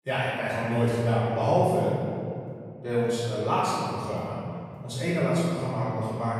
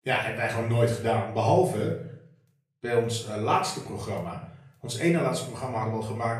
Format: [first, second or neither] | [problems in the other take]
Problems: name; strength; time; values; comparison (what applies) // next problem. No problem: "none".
second | room echo; strong; dies away in 2.3 s; slight in the second // off-mic speech; far; far in the second